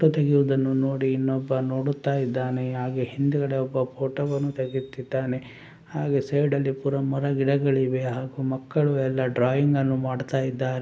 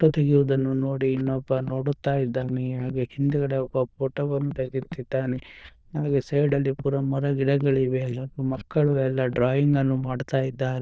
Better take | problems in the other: first | noise reduction (neural diffusion model UNIVERSE++)

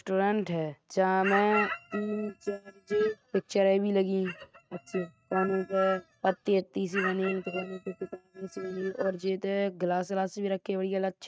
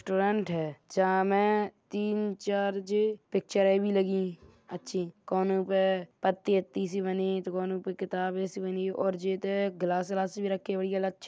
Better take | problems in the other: second | noise reduction (neural mask model RNNoise)

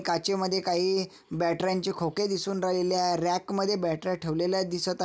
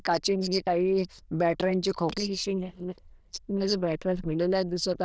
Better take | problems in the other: first | noise reduction (neural diffusion model UNIVERSE++)

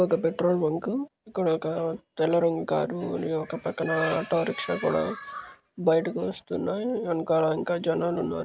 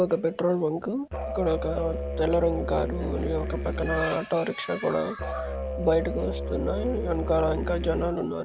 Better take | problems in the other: first | background sound (Musical instrument); 5 dB below the speech

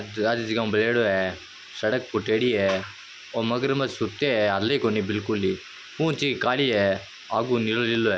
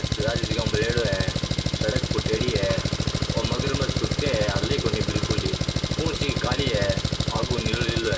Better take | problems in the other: first | background sound (Engine); 4 dB above the speech // room echo; dies away in 0.2 s

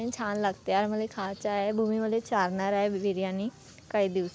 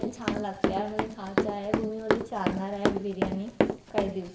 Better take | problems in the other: first | background sound (Run); 4 dB above the speech // room echo; dies away in 0.8 s

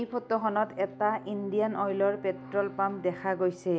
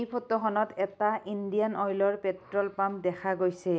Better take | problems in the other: second | background sound (Bowed string instrument); 17 dB below the speech

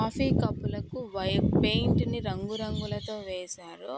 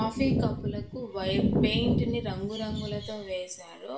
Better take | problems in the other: first | room echo; dies away in 0.4 s

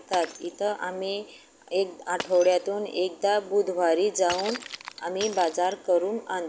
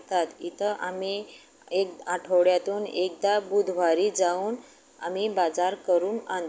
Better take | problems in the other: second | background sound (Shatter); 16 dB below the speech

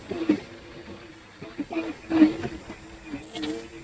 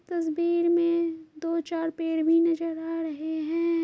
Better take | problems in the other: second | noise reduction (neural mask model DeepFilterNet 3)

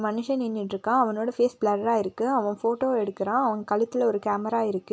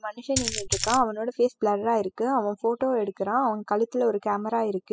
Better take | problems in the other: first | noise reduction (classical method spectral subtraction)

